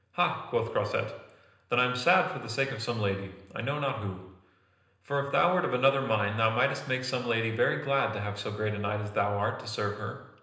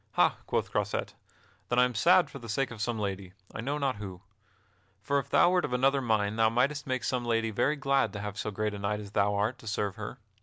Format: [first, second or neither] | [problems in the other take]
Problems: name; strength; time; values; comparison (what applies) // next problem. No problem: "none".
second | room echo; dies away in 0.9 s